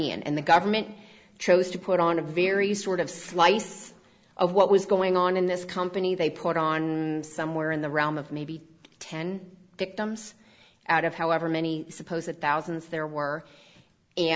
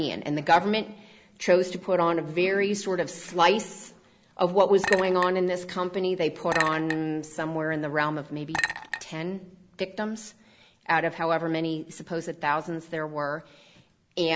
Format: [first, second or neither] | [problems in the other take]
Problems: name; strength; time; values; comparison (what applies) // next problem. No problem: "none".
first | background sound (Chink, clink); 7 dB below the speech